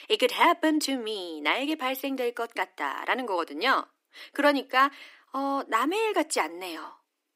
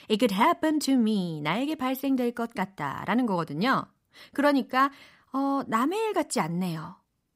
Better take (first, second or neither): second